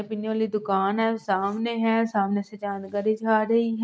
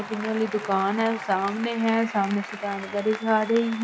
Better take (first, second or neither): first